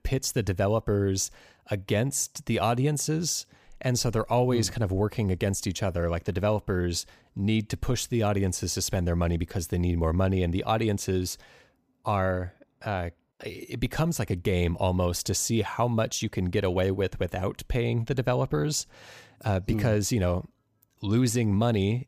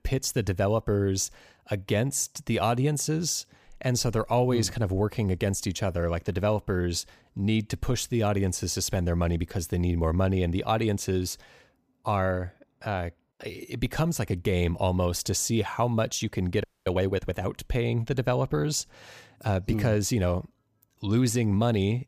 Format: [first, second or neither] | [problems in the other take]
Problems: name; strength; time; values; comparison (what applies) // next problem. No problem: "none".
first | audio freezing; at 17 s